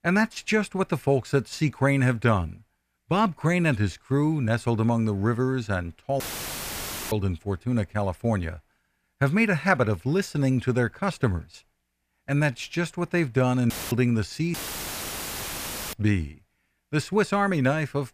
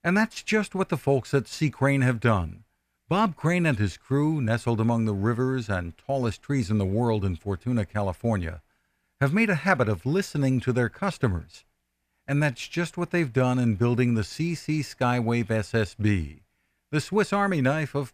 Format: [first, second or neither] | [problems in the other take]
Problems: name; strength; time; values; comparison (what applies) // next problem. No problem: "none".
second | audio cutting out; filled with static; at 6 s for 1 s, at 14 s and at 15 s for 1.5 s